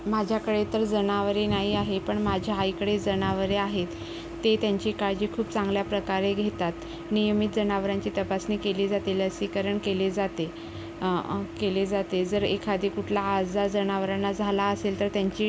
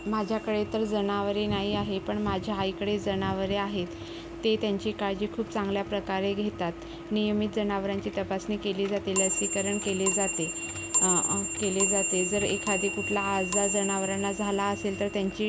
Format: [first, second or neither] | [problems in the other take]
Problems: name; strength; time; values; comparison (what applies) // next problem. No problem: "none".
first | background sound (Clock); 4 dB below the speech